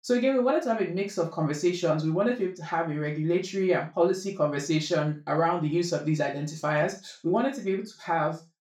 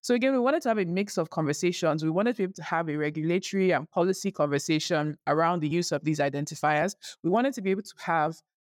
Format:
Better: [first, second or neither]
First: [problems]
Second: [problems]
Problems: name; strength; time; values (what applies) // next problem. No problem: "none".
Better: second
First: room echo; slight; dies away in 0.3 s // off-mic speech; far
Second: none